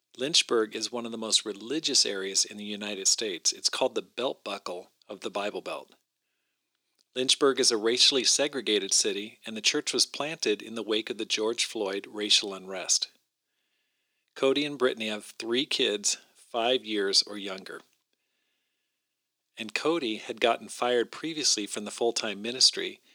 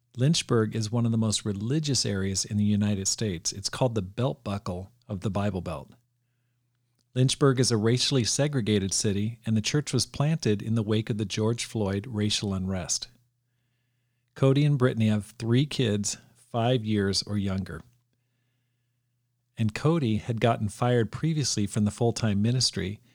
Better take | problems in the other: second | thin; somewhat; fading below 350 Hz

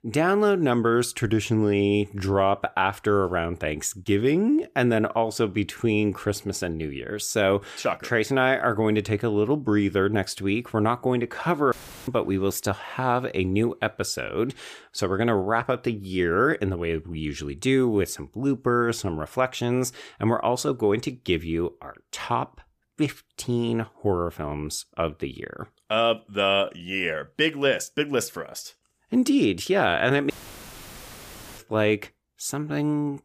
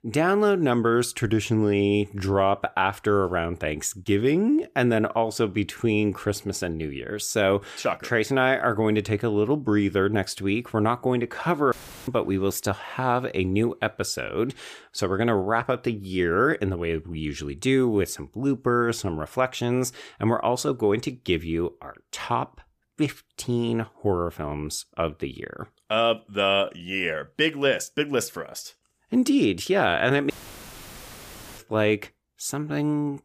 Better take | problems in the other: neither | audio cutting out; filled with static; at 12 s and at 30 s for 1.5 s; the same in both

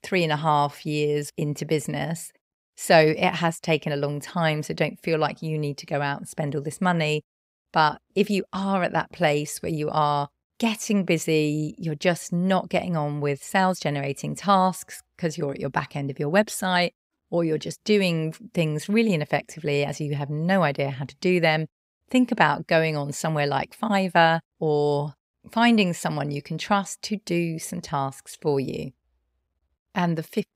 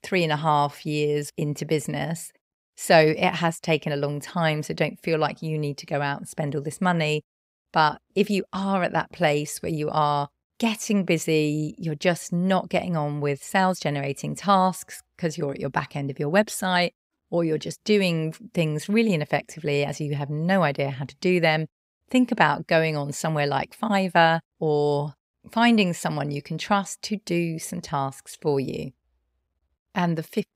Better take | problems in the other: neither | none

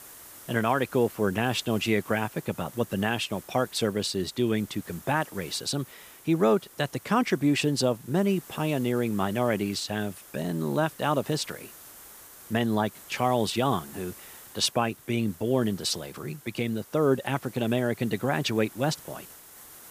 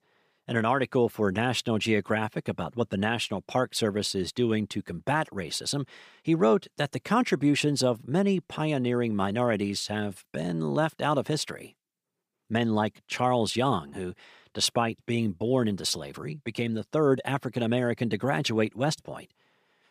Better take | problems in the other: second | hiss; noticeable; throughout; 20 dB below the speech

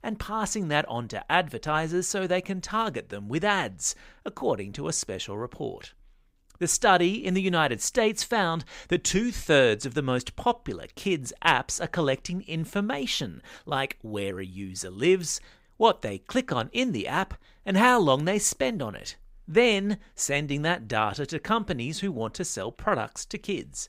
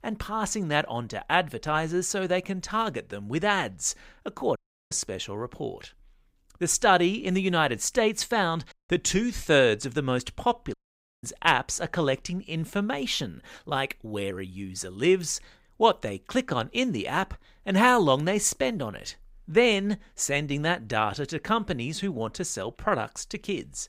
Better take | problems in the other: first | audio cutting out; at 4.5 s, at 8.5 s and at 11 s

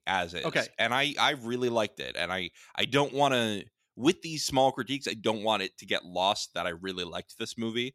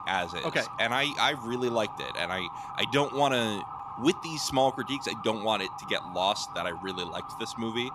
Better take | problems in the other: first | siren; noticeable; peak 9 dB below the speech

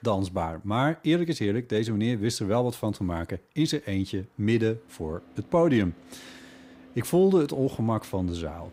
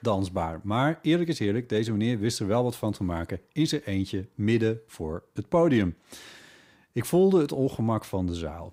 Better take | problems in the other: second | traffic noise; faint; throughout; 25 dB below the speech

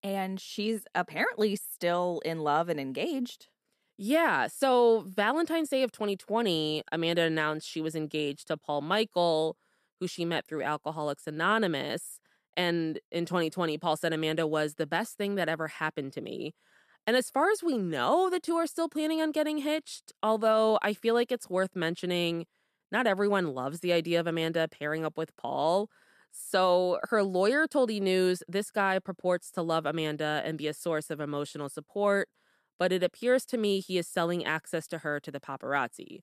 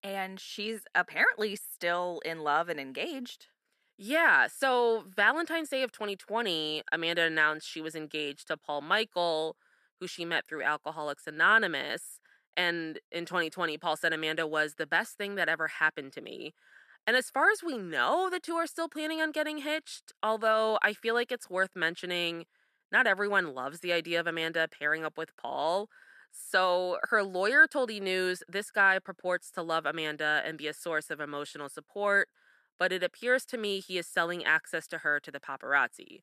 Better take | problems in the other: first | thin; somewhat; fading below 750 Hz

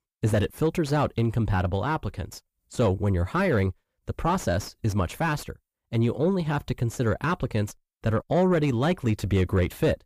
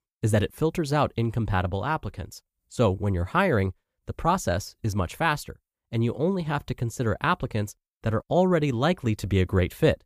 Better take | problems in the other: second | distortion; slight; 10 dB below the speech

